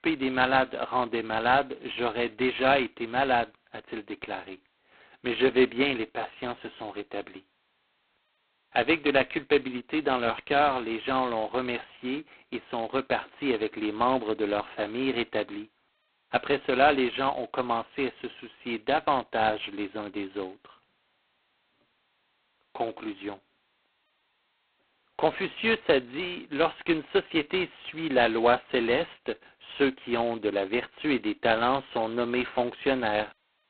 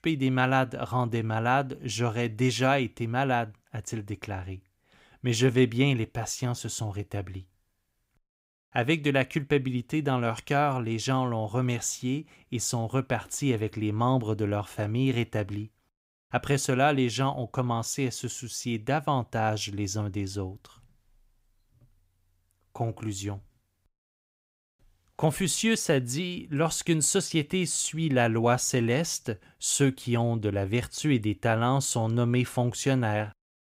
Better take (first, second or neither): second